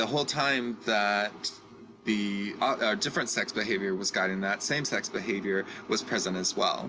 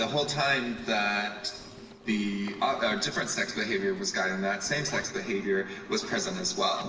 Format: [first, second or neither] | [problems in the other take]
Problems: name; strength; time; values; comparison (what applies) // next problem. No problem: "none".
first | background sound (Zipper (clothing)); 20 dB below the speech // room echo; dies away in 1.1 s